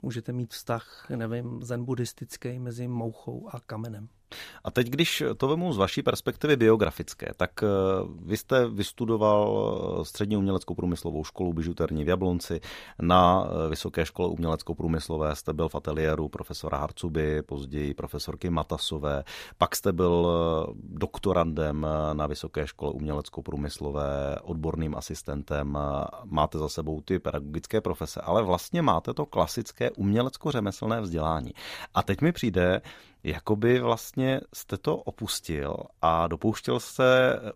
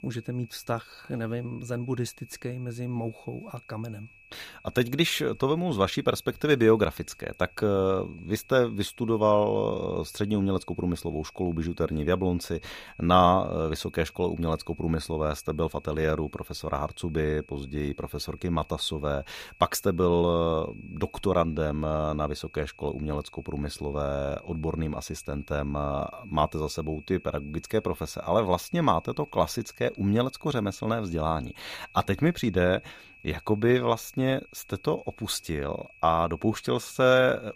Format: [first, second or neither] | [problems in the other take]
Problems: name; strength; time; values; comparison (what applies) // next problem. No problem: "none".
first | high-pitched whine; faint; throughout; 2.5 kHz, 25 dB below the speech